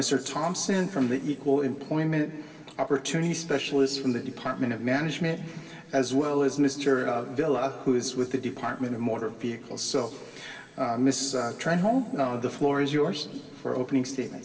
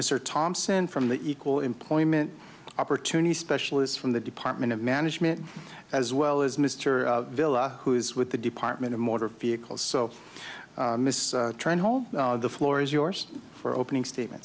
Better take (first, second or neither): second